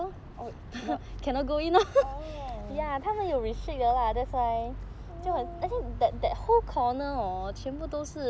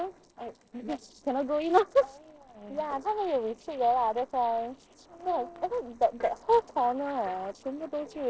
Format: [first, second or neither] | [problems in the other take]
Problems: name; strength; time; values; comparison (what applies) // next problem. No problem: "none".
first | noise reduction (neural separator model SepFormer DNS4)